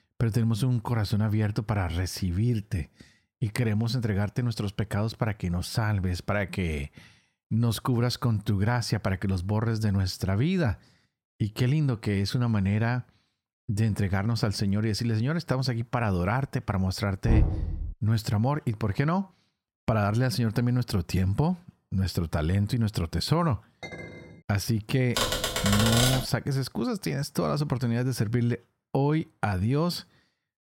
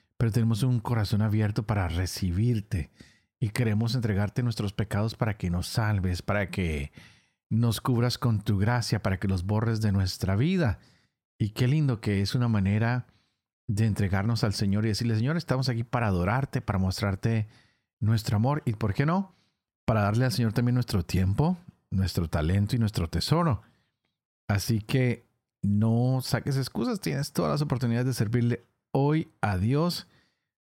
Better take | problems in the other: second | door banging; loud; at 17 s; peak 2 dB above the speech // clattering dishes; faint; at 24 s; peak 10 dB below the speech // keyboard typing; loud; from 25 to 26 s; peak 4 dB above the speech

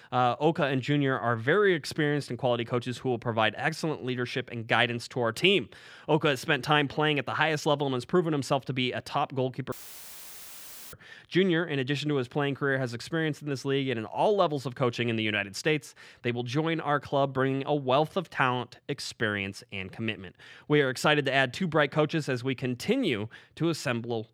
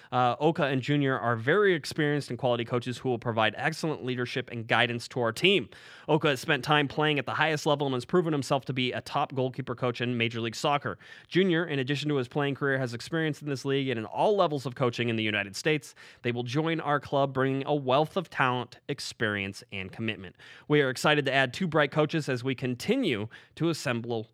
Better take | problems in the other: second | audio cutting out; filled with static; at 9.5 s for 1 s

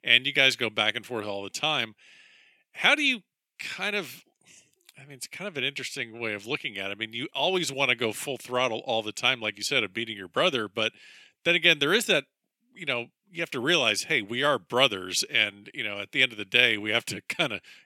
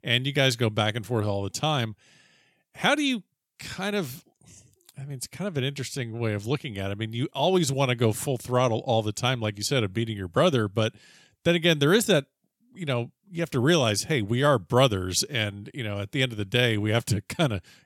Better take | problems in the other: second | thin; somewhat; fading below 250 Hz

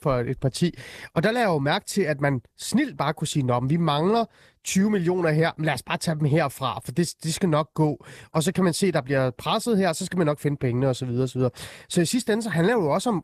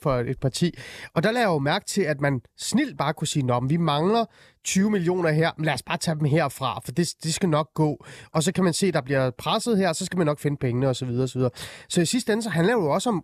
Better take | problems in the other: second | garbled, watery; slightly; nothing above 14.5 kHz

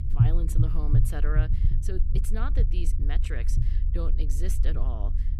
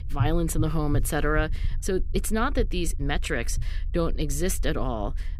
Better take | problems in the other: second | low rumble; loud; throughout; 2 dB below the speech; faint in the second

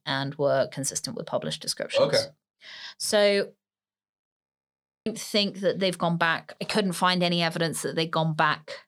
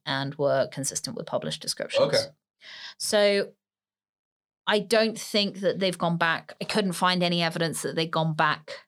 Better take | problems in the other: second | audio freezing; at 4.5 s for 0.5 s

